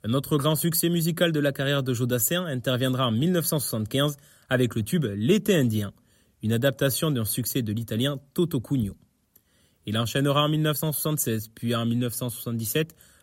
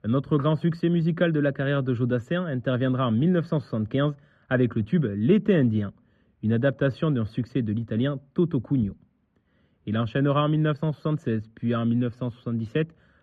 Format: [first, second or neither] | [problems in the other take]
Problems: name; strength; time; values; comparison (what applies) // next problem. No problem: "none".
first | muffled; very; fading above 2.5 kHz